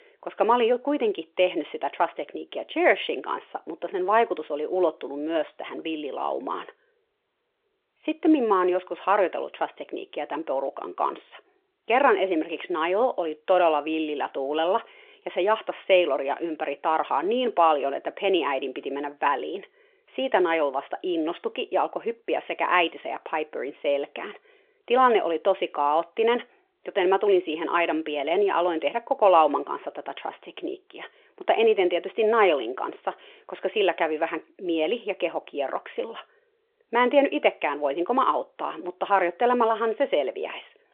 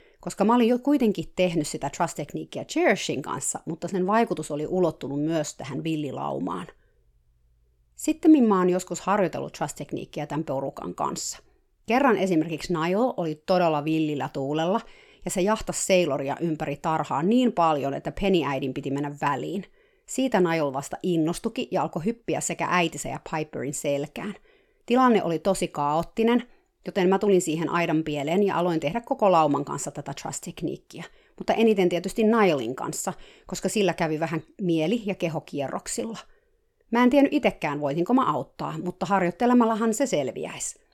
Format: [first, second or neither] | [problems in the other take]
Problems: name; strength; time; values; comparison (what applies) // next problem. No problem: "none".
second | phone-call audio